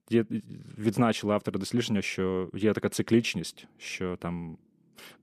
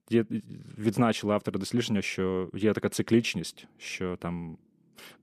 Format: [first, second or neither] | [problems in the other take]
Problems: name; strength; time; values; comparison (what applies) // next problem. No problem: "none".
neither | none